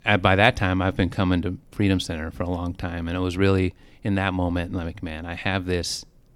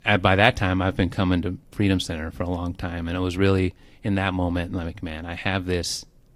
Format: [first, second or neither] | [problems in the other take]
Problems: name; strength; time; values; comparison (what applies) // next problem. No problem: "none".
first | garbled, watery; slightly; nothing above 16 kHz